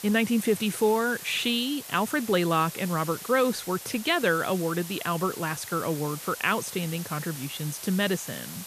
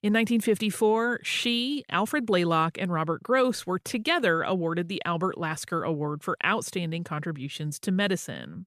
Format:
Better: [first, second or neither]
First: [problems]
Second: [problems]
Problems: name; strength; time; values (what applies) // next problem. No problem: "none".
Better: second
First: hiss; noticeable; throughout; 10 dB below the speech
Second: none